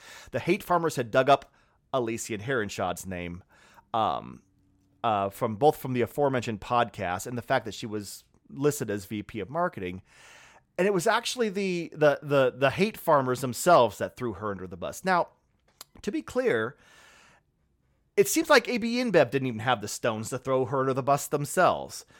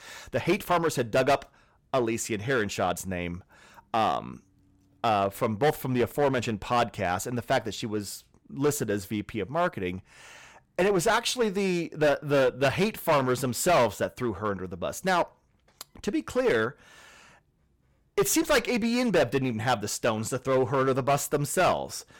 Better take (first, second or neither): first